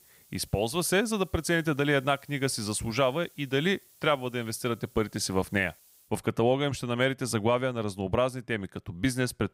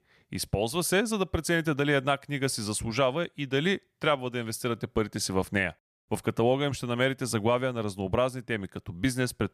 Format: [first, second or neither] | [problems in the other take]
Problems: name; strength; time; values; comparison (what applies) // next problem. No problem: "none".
second | hiss; faint; until 6 s; 25 dB below the speech